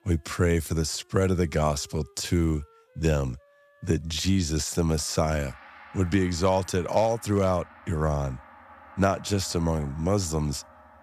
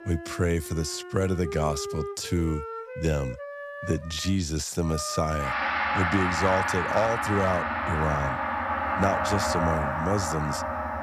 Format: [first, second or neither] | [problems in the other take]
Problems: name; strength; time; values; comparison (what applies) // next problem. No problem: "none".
first | background music; loud; throughout; 1 dB below the speech; faint in the first